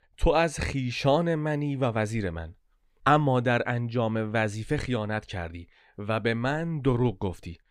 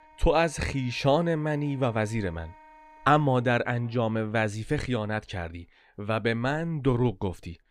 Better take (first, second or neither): first